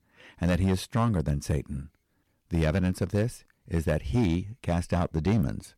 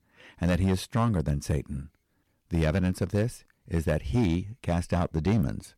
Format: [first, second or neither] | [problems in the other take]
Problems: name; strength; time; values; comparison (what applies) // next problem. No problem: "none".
neither | distortion; slight; 5% of the sound clipped; the same in both